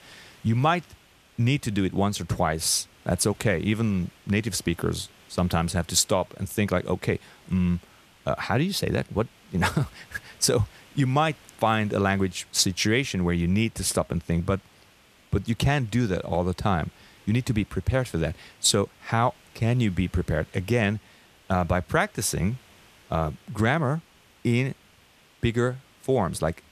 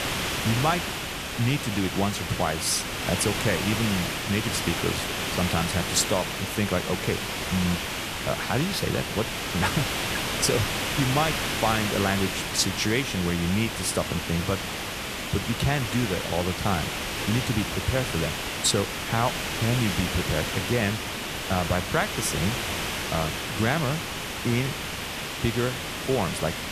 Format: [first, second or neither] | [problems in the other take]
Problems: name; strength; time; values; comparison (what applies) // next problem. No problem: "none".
first | hiss; loud; throughout; 1 dB below the speech; faint in the first